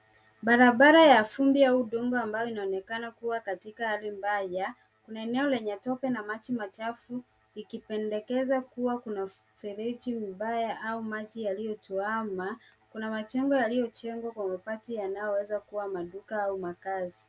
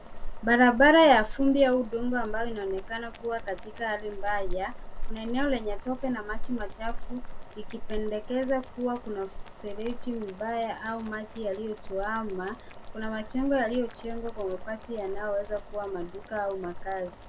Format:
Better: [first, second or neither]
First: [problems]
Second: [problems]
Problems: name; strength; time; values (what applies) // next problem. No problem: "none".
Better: first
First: none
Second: background sound (Boiling); 6 dB below the speech